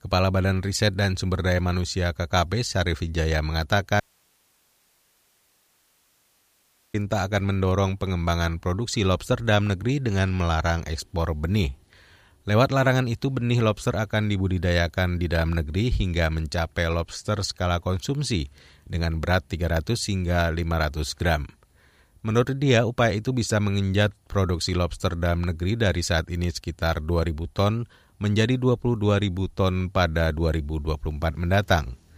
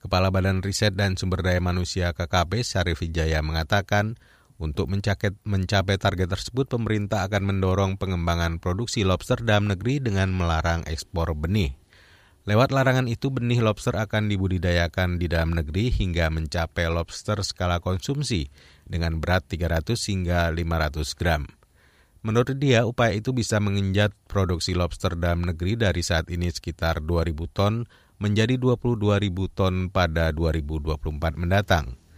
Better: second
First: audio cutting out; at 4 s for 3 s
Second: none

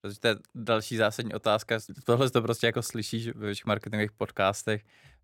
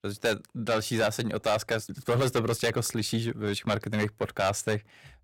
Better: first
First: none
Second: distortion; heavy; 6 dB below the speech

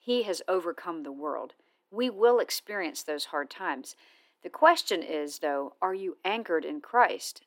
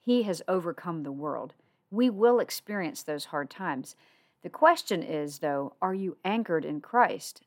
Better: second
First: thin; somewhat; fading below 300 Hz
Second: none

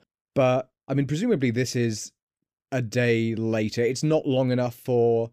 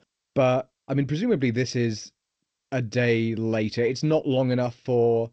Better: first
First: none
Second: garbled, watery; slightly; nothing above 8 kHz

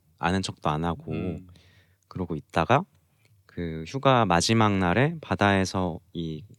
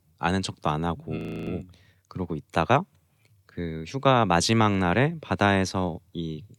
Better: first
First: none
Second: audio freezing; at 1 s

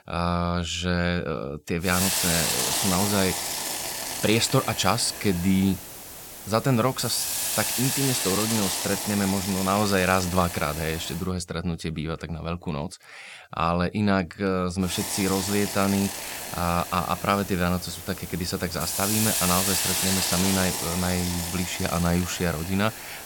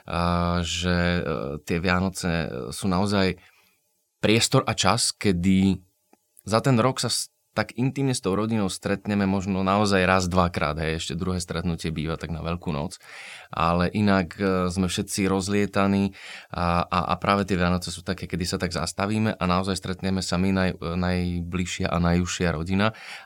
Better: second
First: hiss; loud; from 2 to 11 s and from 15 s on; 1 dB below the speech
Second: none

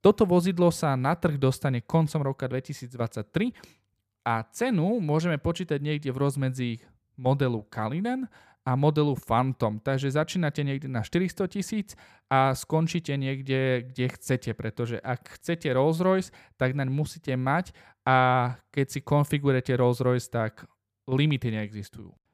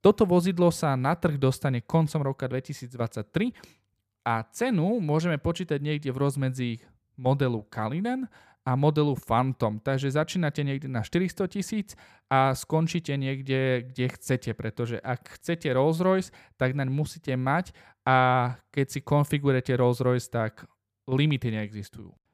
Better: neither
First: none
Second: none

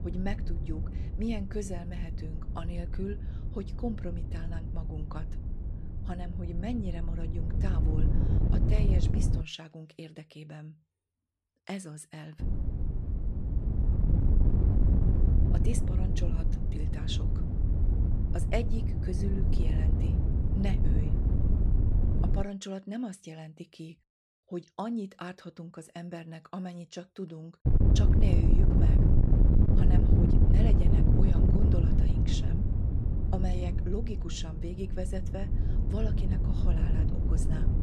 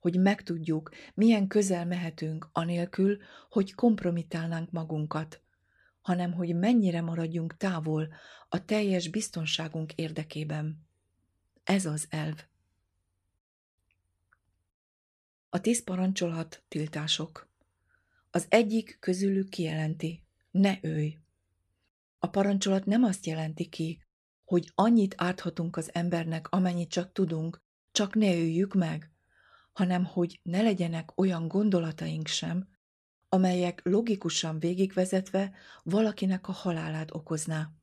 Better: second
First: wind noise on the microphone; heavy; until 9.5 s, from 12 to 22 s and from 28 s on; 1 dB above the speech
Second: none

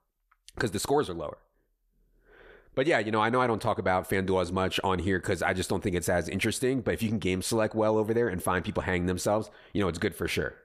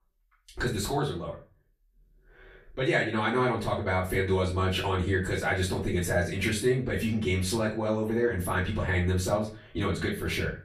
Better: first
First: none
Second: room echo; slight; dies away in 0.3 s // off-mic speech; far

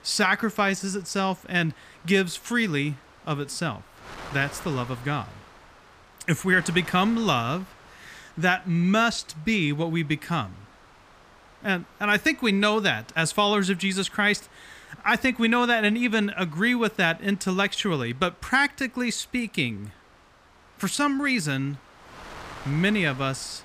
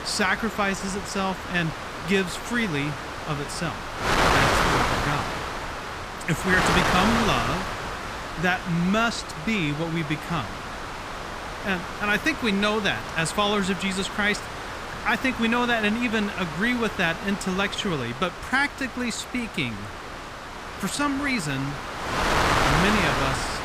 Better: first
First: wind noise on the microphone; occasional gusts; 20 dB below the speech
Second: wind noise on the microphone; heavy; 2 dB below the speech

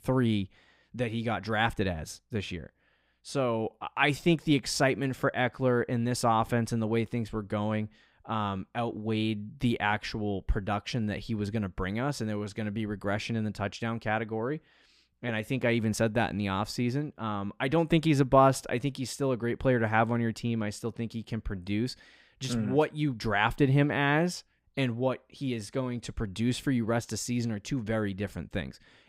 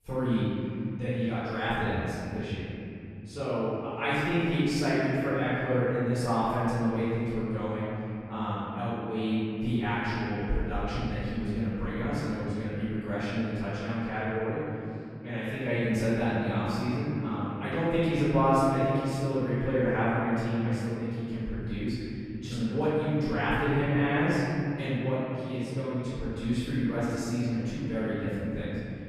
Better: first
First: none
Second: off-mic speech; far // room echo; strong; dies away in 3 s

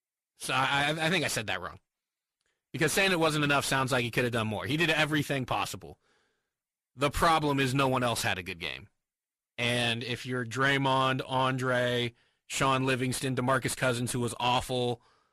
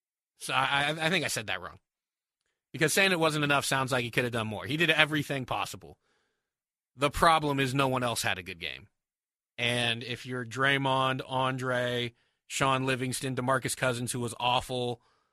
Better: second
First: distortion; slight; 10 dB below the speech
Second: none

